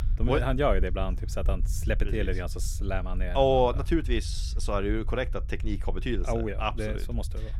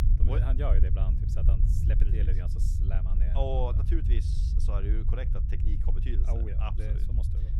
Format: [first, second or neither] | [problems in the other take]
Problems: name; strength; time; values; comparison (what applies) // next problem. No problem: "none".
first | low rumble; loud; throughout; 5 dB below the speech; faint in the first